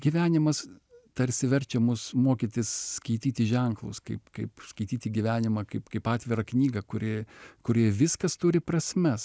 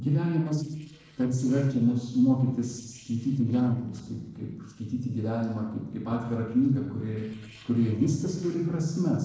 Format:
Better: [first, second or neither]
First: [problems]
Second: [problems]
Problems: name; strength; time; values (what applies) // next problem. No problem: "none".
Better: first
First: none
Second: noise reduction (neural separator model SepFormer DNS4)